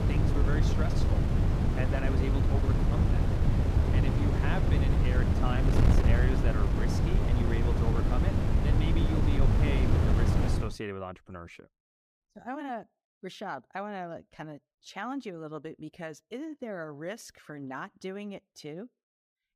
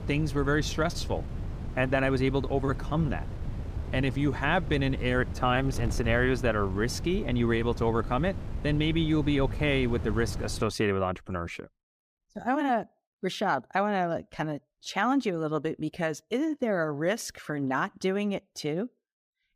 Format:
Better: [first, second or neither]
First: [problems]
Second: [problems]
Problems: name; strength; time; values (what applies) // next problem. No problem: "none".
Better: second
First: wind noise on the microphone; heavy; until 11 s; 3 dB above the speech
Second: wind noise on the microphone; occasional gusts; until 11 s; 15 dB below the speech